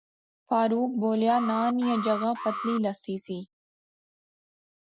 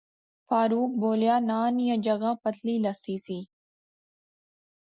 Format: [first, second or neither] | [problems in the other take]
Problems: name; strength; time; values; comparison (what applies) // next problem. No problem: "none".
second | background sound (Alarm); 7 dB below the speech